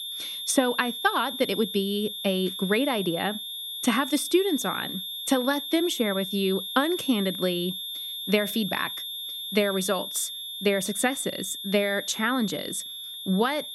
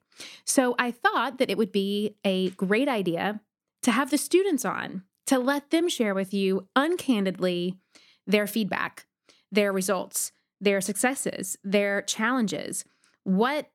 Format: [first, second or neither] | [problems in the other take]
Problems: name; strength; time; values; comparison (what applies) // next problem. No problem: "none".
second | high-pitched whine; loud; throughout; 3.5 kHz, 6 dB below the speech